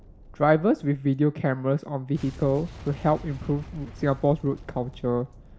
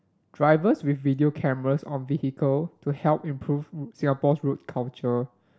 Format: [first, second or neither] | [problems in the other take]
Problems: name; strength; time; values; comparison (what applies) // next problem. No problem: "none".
second | background sound (Boom); 18 dB below the speech